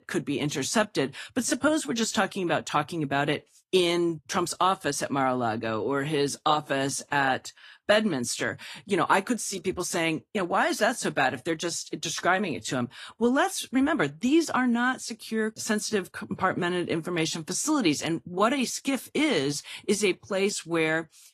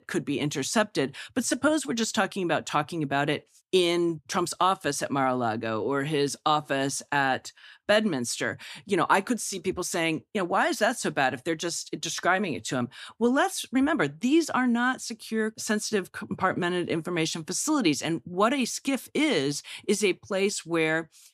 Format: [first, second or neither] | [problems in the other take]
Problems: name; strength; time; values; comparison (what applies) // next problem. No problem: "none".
second | garbled, watery; slightly; nothing above 14.5 kHz